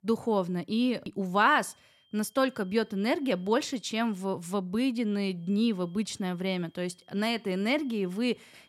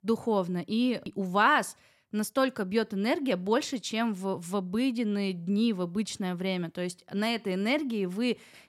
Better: second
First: high-pitched whine; faint; from 1.5 to 4 s and from 5.5 s on; 3 kHz, 35 dB below the speech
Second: none

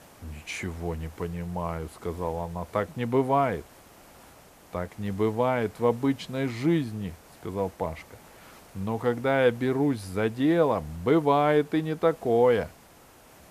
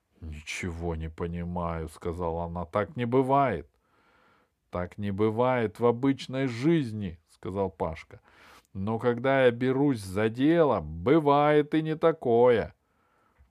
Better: second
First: hiss; faint; throughout; 25 dB below the speech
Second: none

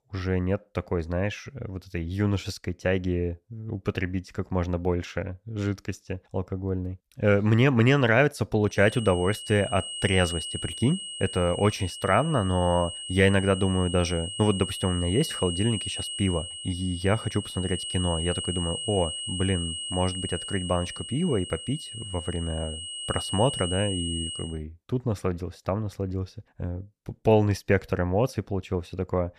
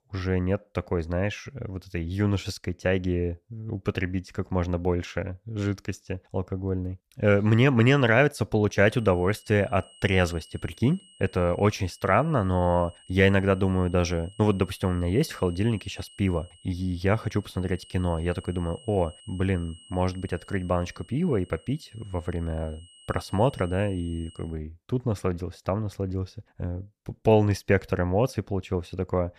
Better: second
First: high-pitched whine; loud; from 9 to 24 s; 3 kHz, 6 dB below the speech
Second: high-pitched whine; faint; from 9 to 24 s; 3 kHz, 25 dB below the speech

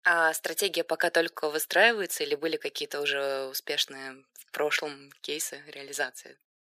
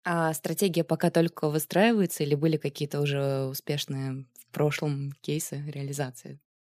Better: second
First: thin; very; fading below 450 Hz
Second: none

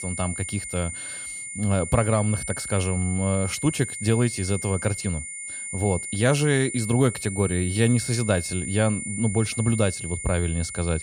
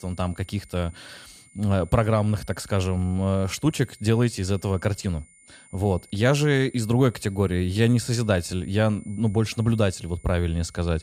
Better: second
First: high-pitched whine; loud; throughout; 9 kHz, 6 dB below the speech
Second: high-pitched whine; faint; throughout; 9 kHz, 25 dB below the speech

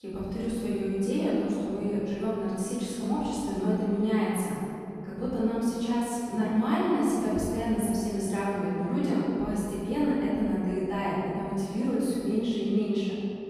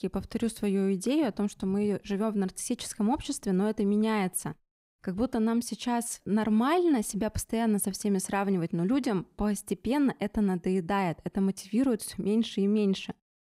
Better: second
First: off-mic speech; far // room echo; strong; dies away in 2.5 s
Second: none

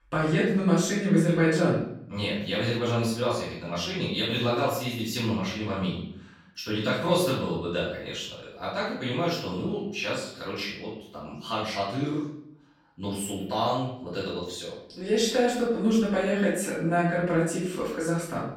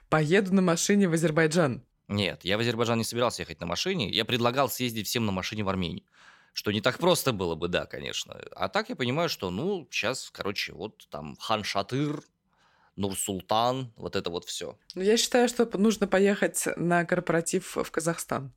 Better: second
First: off-mic speech; far // room echo; noticeable; dies away in 0.7 s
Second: none

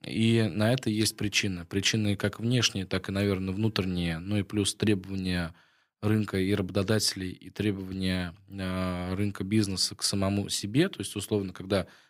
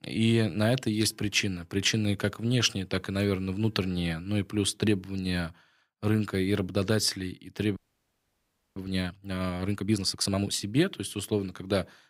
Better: first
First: none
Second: audio freezing; at 8 s for 1 s

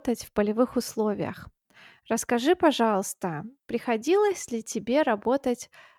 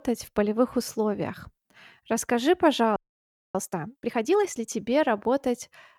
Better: first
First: none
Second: audio freezing; at 3 s for 0.5 s

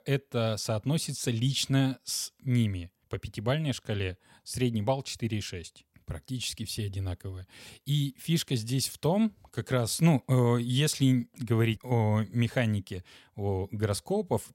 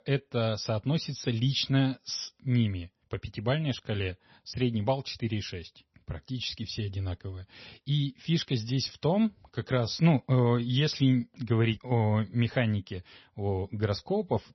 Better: first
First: none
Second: garbled, watery; slightly; nothing above 6 kHz

